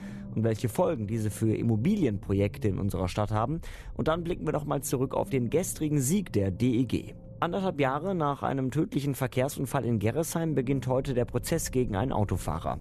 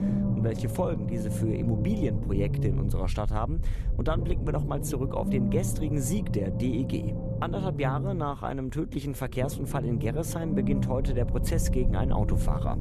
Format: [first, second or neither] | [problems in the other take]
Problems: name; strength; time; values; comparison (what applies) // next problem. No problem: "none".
first | low rumble; loud; throughout; 5 dB below the speech; faint in the first